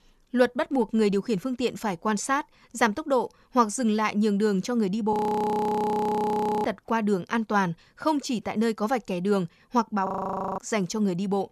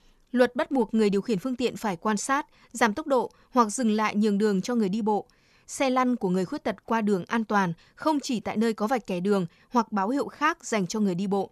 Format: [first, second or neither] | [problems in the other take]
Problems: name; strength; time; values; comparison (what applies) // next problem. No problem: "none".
second | audio freezing; at 5 s for 1.5 s and at 10 s for 0.5 s